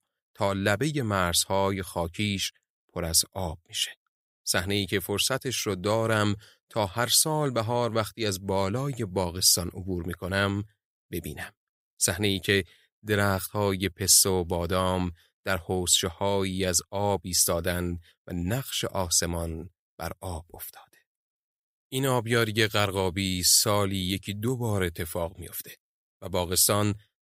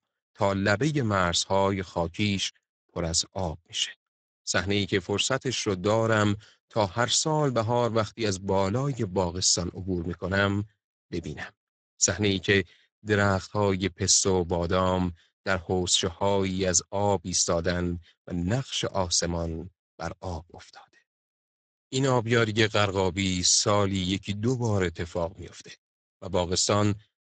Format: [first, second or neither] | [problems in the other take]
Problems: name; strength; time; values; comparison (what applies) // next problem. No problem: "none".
first | garbled, watery; badly; nothing above 8 kHz